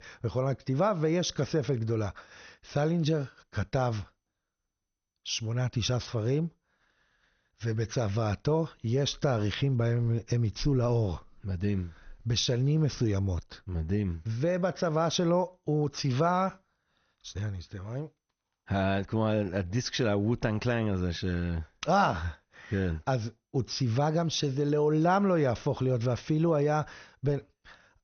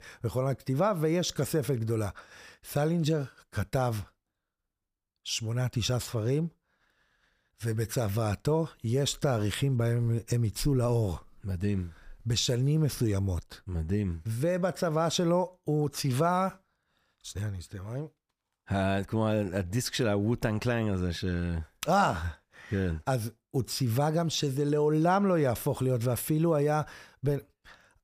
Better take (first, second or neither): second